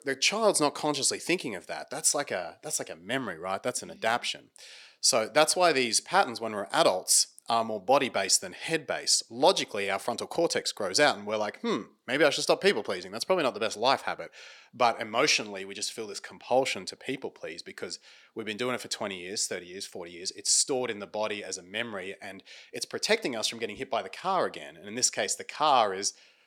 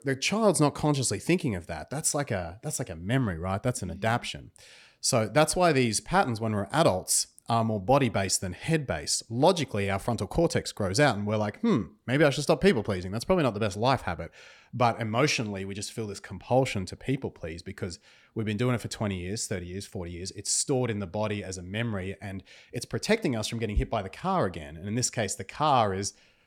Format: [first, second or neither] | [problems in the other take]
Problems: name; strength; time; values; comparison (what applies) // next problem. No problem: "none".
second | thin; somewhat; fading below 350 Hz